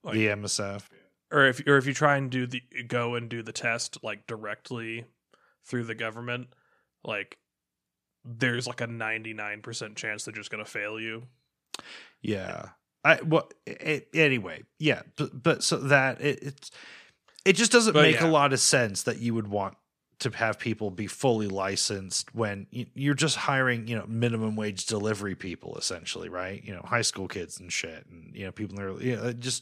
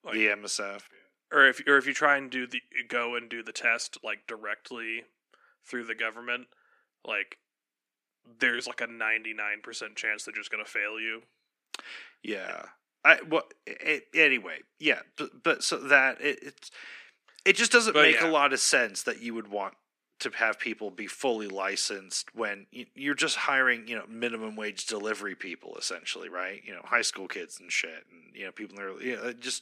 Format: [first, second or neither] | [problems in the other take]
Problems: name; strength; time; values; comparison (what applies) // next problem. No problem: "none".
first | thin; somewhat; fading below 250 Hz